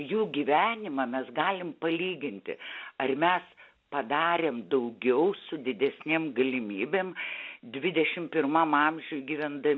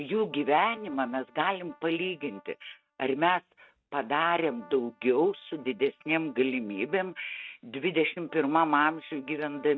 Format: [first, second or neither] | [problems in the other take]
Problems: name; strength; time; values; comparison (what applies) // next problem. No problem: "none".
first | noise reduction (neural mask model RNNoise)